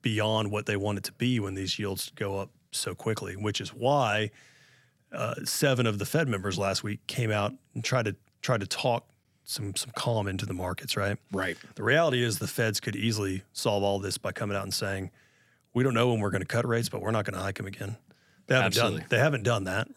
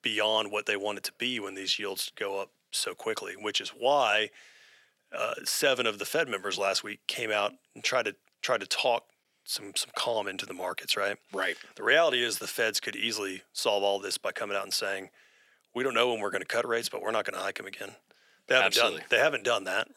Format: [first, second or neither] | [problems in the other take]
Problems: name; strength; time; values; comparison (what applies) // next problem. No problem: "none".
first | thin; very; fading below 500 Hz